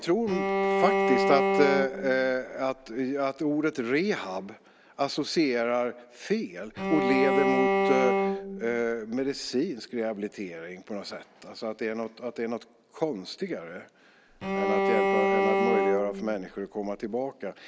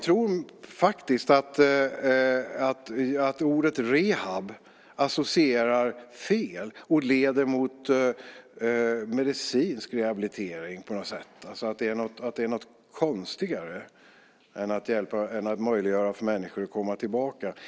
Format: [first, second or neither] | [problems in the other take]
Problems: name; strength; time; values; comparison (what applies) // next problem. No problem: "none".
second | background sound (Bowed string instrument); 3 dB above the speech